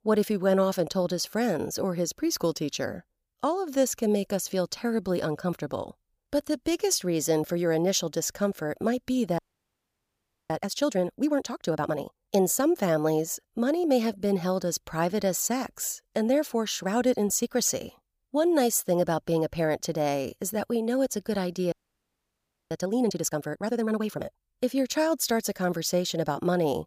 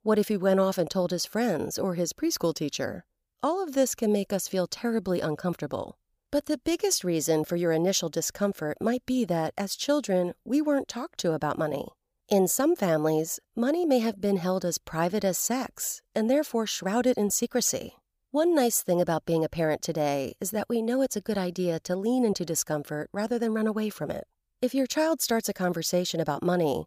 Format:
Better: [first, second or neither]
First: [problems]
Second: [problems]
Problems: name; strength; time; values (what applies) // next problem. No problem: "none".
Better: second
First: audio freezing; at 9.5 s for 1 s and at 22 s for 1 s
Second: none